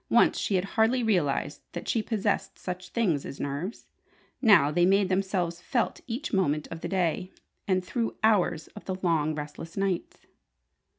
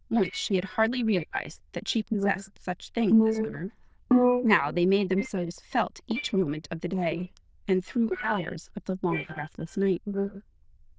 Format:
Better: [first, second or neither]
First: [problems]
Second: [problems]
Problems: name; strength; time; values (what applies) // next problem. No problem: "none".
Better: first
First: none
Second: noise reduction (neural diffusion model UNIVERSE++)